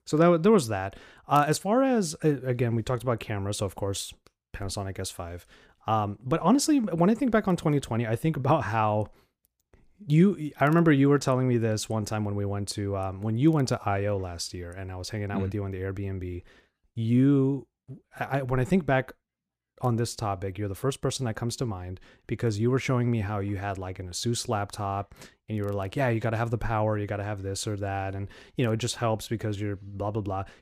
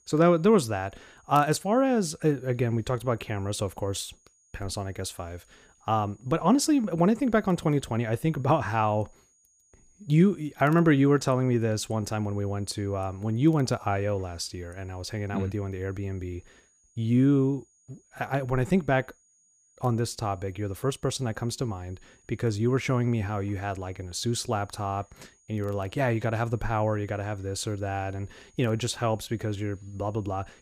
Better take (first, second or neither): first